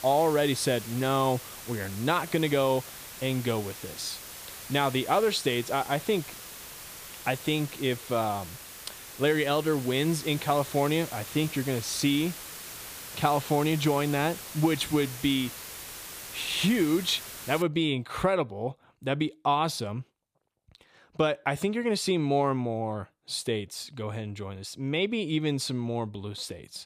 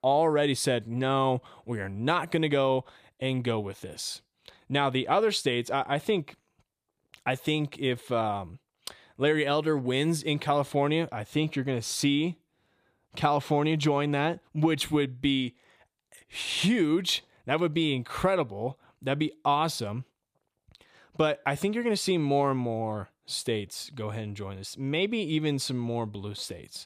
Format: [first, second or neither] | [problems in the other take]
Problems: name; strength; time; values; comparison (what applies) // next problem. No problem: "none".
second | hiss; noticeable; until 18 s; 10 dB below the speech